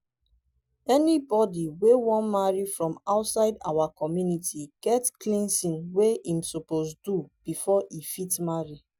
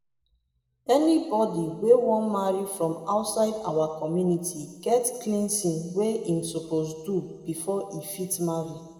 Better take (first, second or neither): first